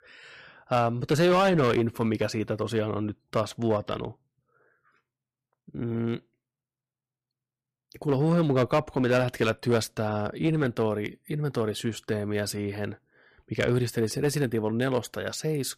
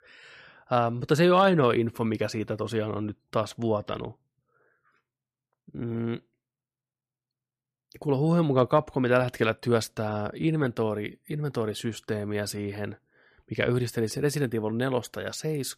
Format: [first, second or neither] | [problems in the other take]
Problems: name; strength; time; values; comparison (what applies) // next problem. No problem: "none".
second | distortion; slight; 5% of the sound clipped